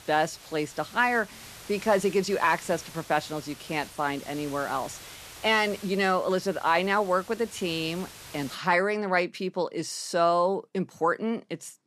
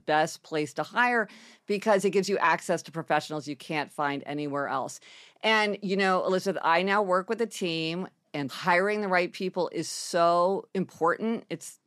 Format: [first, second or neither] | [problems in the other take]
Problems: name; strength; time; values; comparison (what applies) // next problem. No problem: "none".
second | hiss; noticeable; until 8.5 s; 15 dB below the speech